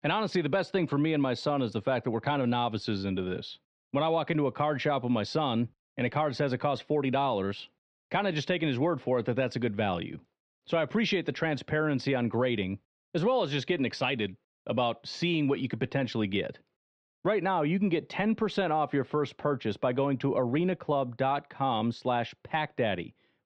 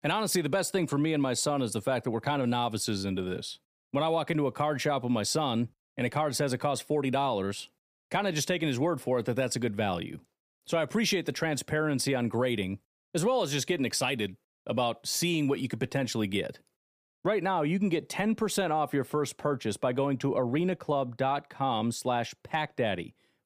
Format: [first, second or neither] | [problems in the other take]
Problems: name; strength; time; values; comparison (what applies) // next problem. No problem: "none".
second | muffled; slightly; fading above 4 kHz